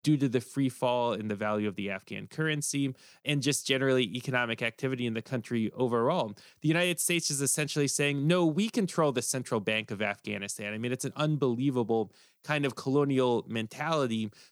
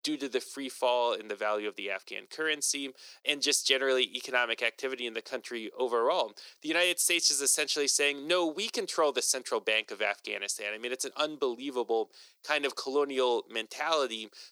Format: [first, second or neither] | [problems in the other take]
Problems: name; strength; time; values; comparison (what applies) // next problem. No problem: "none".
first | thin; somewhat; fading below 350 Hz